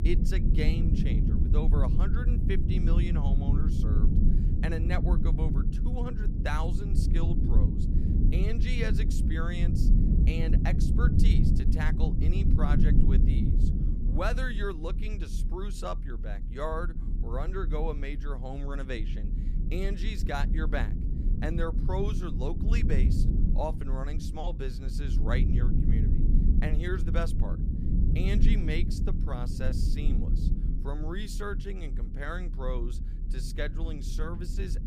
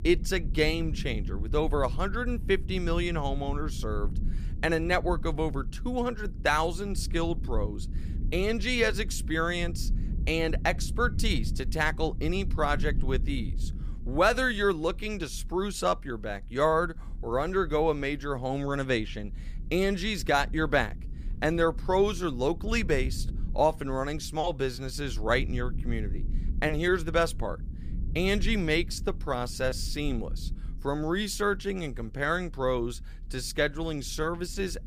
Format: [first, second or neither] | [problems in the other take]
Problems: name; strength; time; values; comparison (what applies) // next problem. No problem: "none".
second | low rumble; loud; throughout; 3 dB below the speech; faint in the second